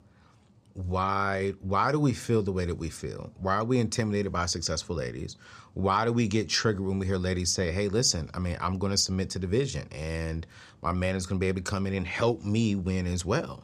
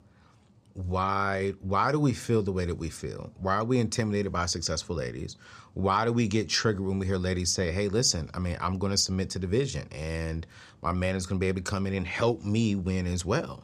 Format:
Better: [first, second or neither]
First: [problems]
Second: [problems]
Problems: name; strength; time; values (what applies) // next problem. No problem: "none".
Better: neither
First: none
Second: none